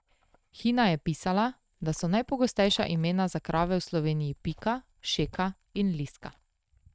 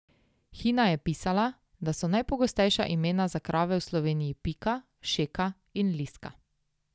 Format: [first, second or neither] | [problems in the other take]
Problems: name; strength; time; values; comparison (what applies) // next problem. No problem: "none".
second | noise reduction (neural mask model RNNoise)